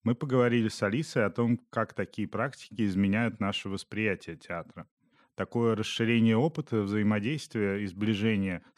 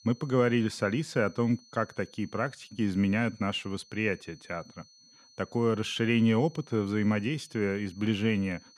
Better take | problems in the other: first | high-pitched whine; faint; throughout; 4.5 kHz, 25 dB below the speech

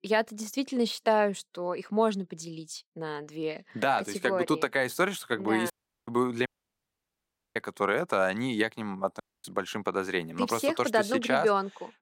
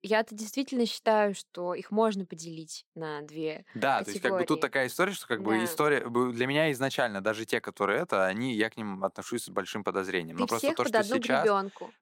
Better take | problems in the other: second | audio cutting out; at 5.5 s, at 6.5 s for 1 s and at 9 s

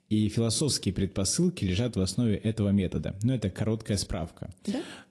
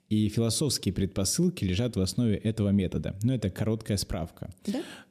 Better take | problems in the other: second | garbled, watery; slightly; nothing above 11 kHz

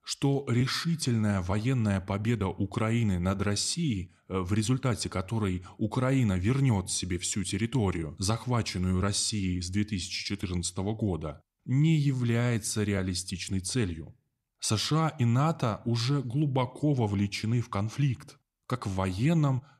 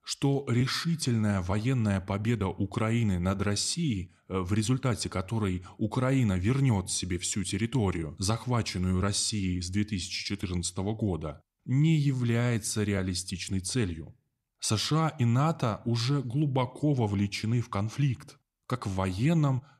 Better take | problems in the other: neither | none

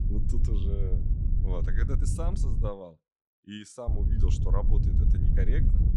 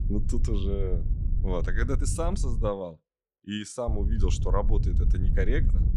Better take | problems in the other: second | wind noise on the microphone; heavy; until 2.5 s and from 4 s on; 3 dB below the speech; occasional gusts in the second

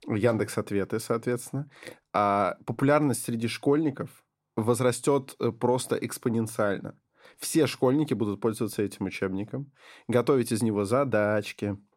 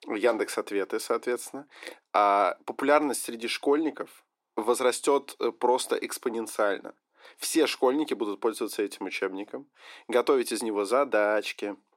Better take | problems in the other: first | thin; somewhat; fading below 300 Hz

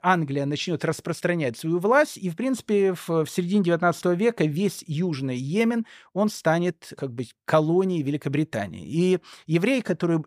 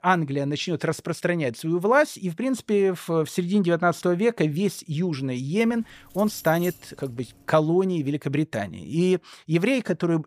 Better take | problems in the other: first | jangling keys; faint; from 5.5 to 7.5 s; peak 15 dB below the speech

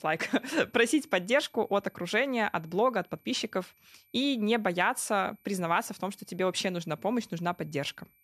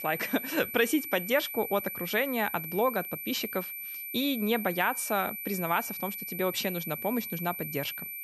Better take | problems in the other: first | high-pitched whine; loud; throughout; 12 kHz, 5 dB below the speech; faint in the first

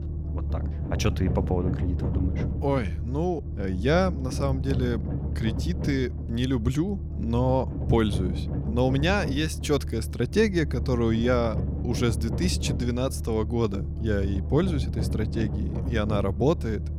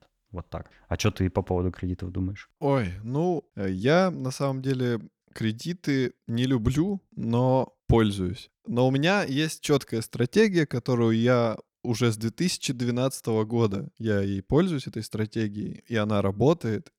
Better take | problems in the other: second | low rumble; noticeable; throughout; 10 dB below the speech

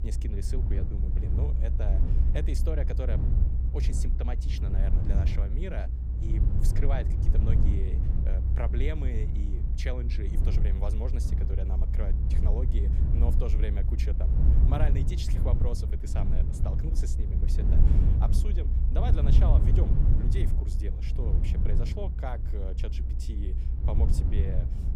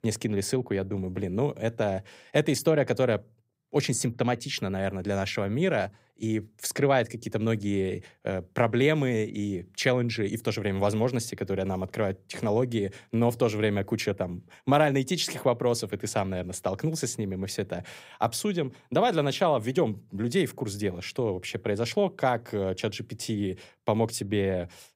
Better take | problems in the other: second | low rumble; loud; throughout; 2 dB below the speech

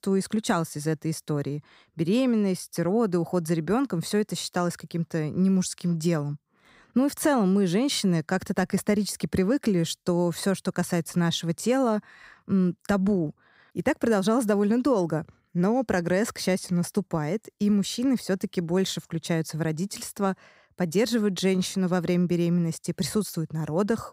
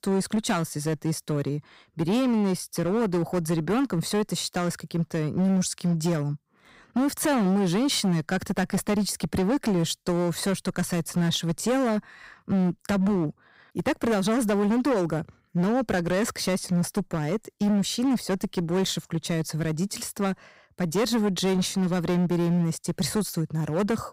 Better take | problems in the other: first | distortion; slight; 14% of the sound clipped

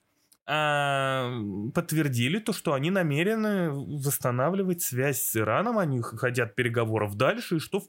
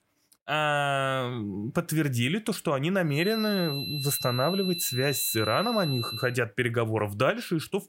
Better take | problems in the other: first | high-pitched whine; loud; from 3 to 6.5 s; 4 kHz, 5 dB below the speech

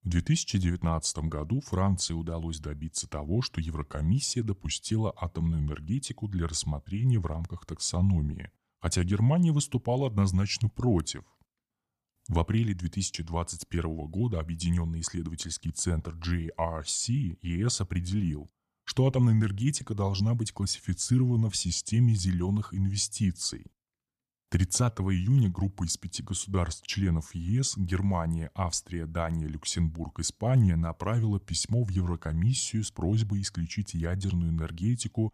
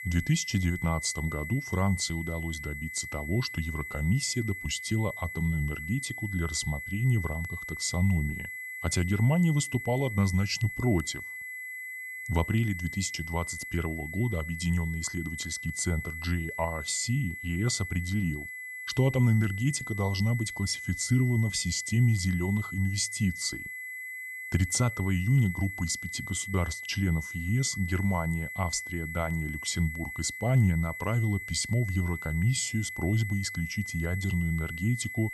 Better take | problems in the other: first | high-pitched whine; loud; throughout; 2 kHz, 8 dB below the speech

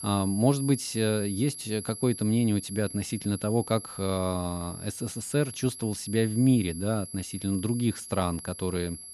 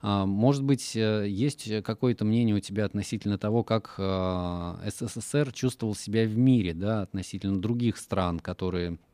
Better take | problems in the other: second | high-pitched whine; noticeable; throughout; 11 kHz, 10 dB below the speech

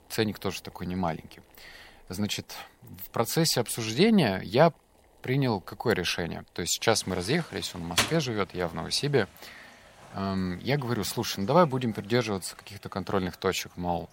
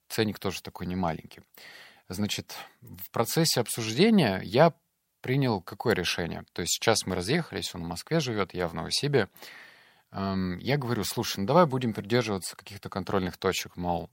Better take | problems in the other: second | household noises; loud; throughout; 7 dB below the speech

